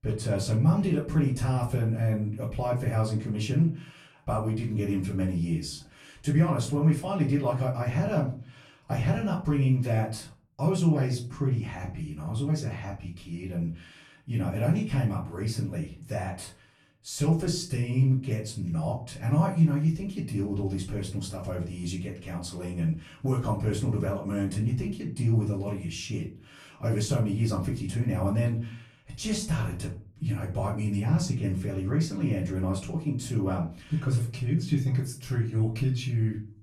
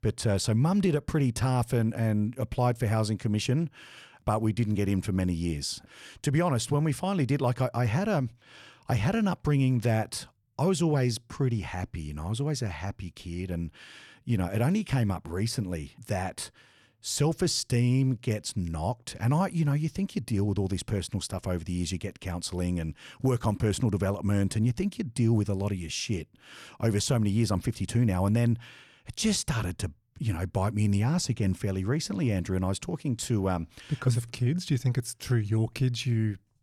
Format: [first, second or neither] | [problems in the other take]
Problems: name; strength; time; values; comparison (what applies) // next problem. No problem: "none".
second | off-mic speech; far // room echo; slight; dies away in 0.3 s